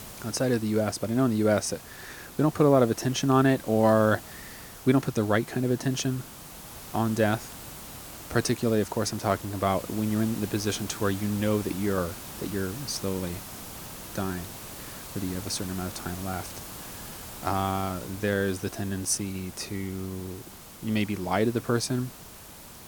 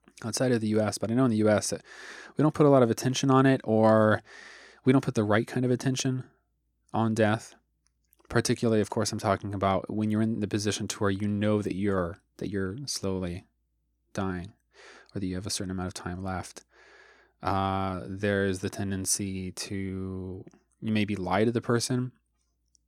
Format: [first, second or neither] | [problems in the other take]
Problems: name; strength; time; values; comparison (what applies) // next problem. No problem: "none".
second | hiss; noticeable; throughout; 15 dB below the speech